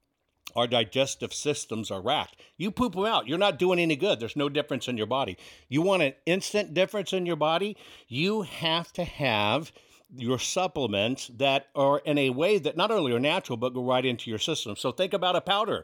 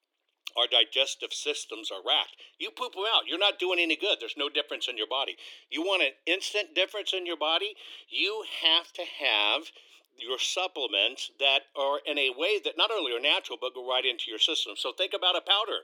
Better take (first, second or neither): first